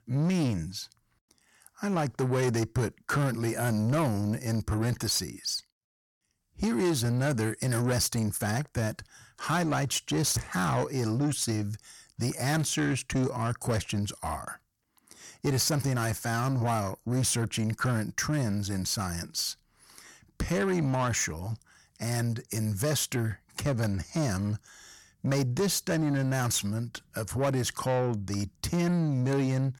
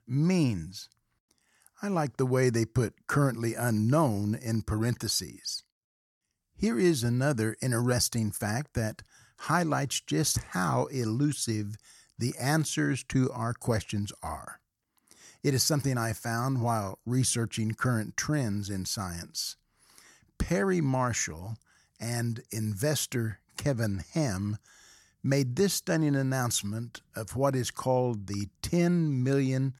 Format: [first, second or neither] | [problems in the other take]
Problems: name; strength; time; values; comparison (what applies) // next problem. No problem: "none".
second | distortion; slight; 10 dB below the speech